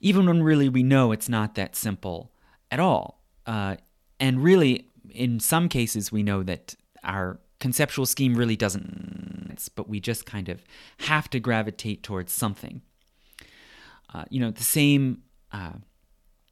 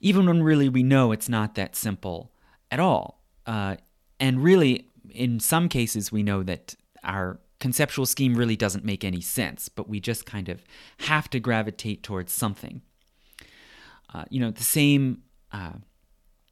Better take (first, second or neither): second